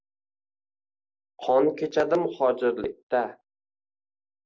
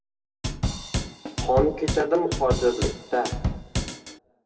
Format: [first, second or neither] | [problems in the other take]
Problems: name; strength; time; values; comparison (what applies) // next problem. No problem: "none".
first | background sound (Drum / Drum kit); 2 dB below the speech // room echo; dies away in 1.2 s